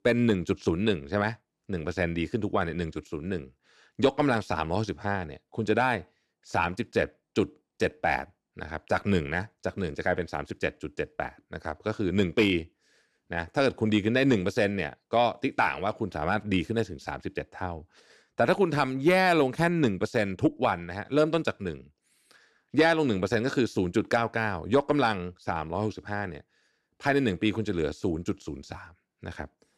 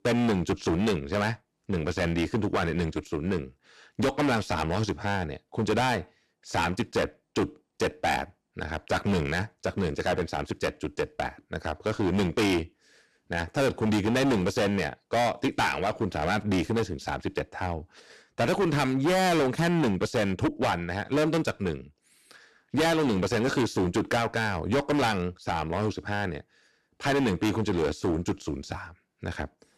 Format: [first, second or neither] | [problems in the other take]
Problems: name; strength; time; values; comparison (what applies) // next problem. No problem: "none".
first | distortion; heavy; 15% of the sound clipped